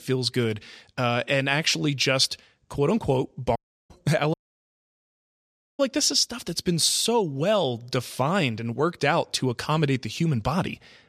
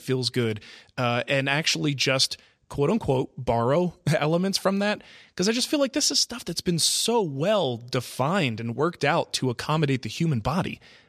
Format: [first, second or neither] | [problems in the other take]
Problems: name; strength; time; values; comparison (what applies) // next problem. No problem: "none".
second | audio cutting out; at 3.5 s and at 4.5 s for 1.5 s